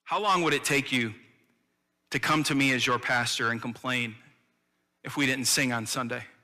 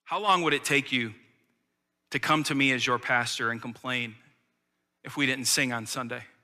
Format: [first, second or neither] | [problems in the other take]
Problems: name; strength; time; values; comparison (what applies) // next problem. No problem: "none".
second | distortion; slight; 10 dB below the speech